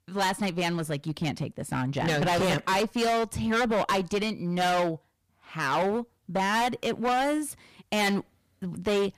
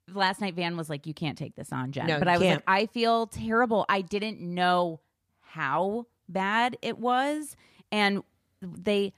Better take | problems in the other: second | distortion; heavy; 18% of the sound clipped

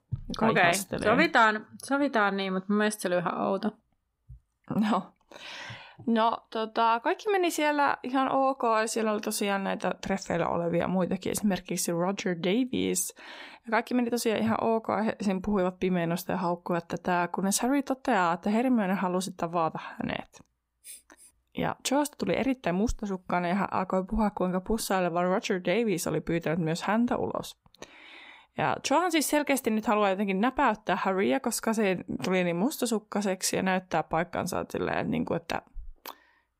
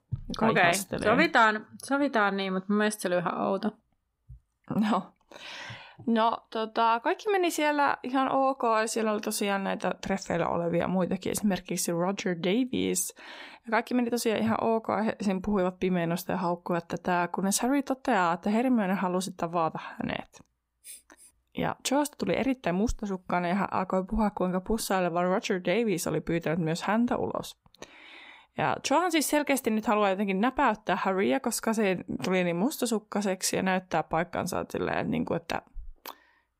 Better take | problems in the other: neither | none

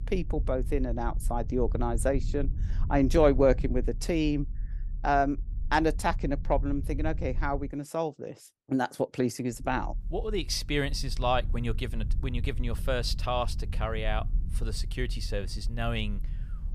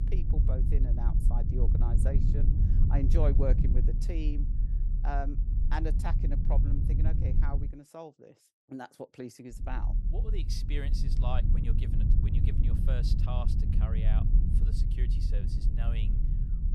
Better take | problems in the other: first | low rumble; loud; until 7.5 s and from 9.5 s on; 4 dB below the speech; faint in the first

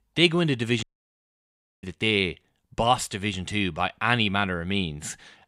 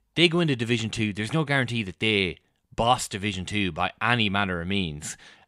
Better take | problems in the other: second | audio cutting out; at 1 s for 1 s

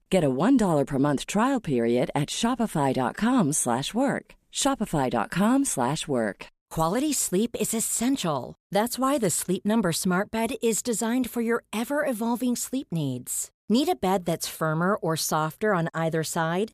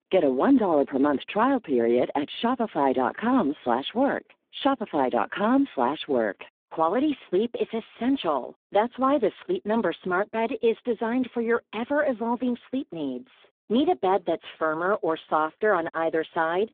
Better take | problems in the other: first | phone-call audio; poor line

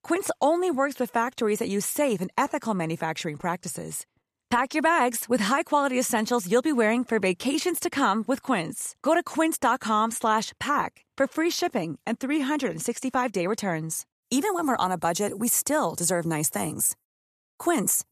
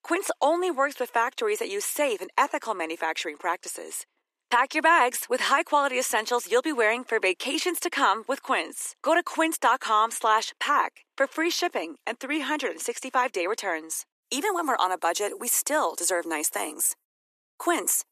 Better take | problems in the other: first | thin; somewhat; fading below 300 Hz

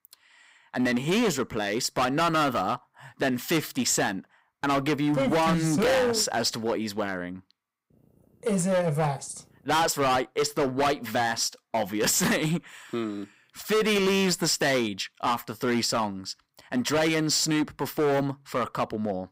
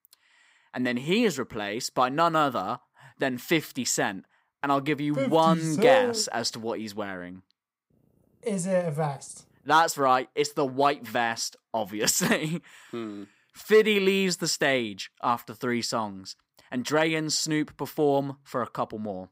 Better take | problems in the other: second | distortion; heavy; 14% of the sound clipped

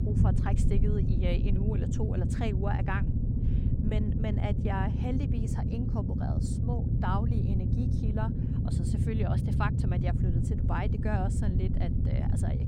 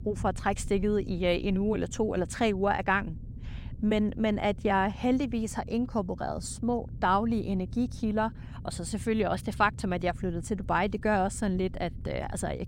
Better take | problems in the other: second | low rumble; loud; throughout; 2 dB below the speech; faint in the second

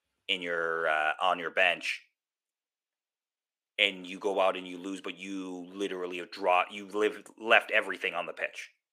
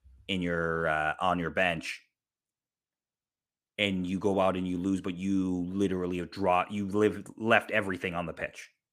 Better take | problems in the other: second | thin; somewhat; fading below 500 Hz

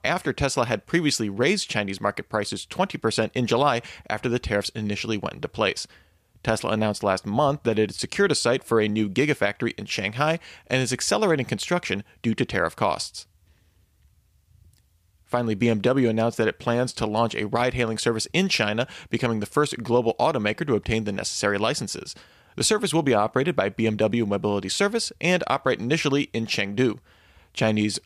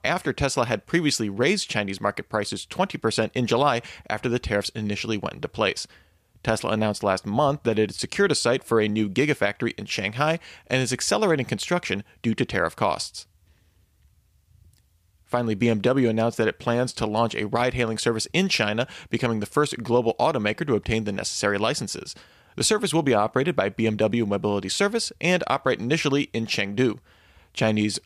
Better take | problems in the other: neither | none

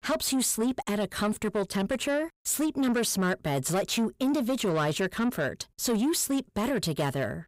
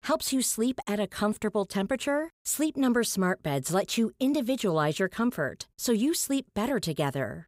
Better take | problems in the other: second | distortion; slight; 10 dB below the speech

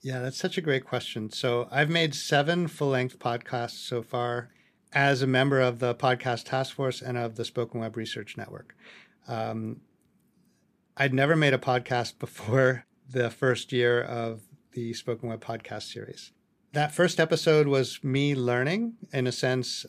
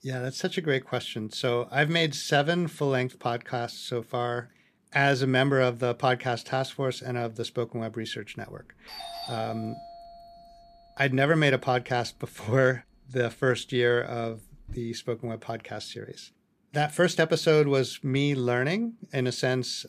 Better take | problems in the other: first | doorbell; noticeable; from 9 to 15 s; peak 10 dB below the speech

